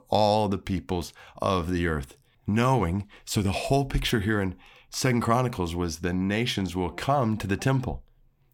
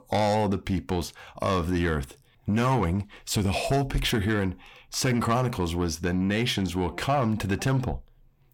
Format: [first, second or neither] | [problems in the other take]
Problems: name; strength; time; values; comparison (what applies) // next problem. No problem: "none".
first | distortion; slight; 10 dB below the speech